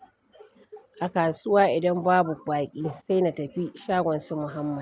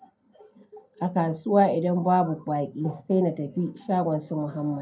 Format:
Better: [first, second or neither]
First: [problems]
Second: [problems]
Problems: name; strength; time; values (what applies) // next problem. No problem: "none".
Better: first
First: none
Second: room echo; dies away in 0.2 s